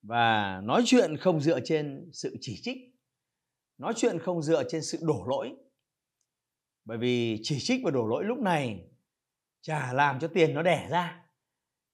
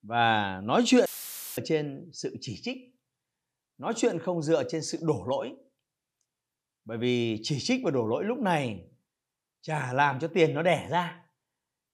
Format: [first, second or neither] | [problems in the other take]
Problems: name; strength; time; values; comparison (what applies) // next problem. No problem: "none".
first | audio cutting out; filled with static; at 1 s for 0.5 s